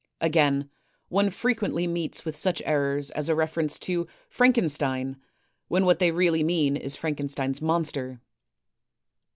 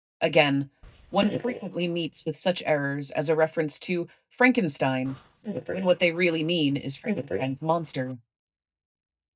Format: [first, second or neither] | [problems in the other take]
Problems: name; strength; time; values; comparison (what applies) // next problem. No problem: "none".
first | noise reduction (neural mask model DeepFilterNet 3)